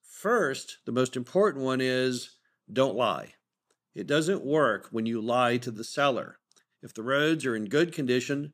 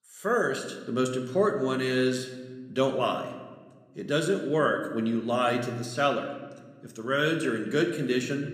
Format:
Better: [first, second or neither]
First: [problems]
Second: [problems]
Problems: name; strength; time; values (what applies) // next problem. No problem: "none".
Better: first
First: none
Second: room echo; slight; dies away in 1 s